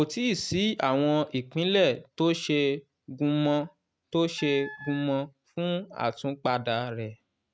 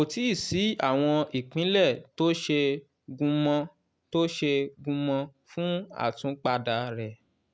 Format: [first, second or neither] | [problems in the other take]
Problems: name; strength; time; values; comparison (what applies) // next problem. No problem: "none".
second | noise reduction (neural mask model RNNoise)